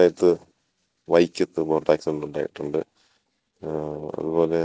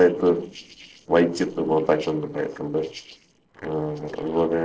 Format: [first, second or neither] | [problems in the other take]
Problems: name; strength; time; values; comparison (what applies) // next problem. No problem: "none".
first | noise reduction (neural separator model SepFormer DNS4)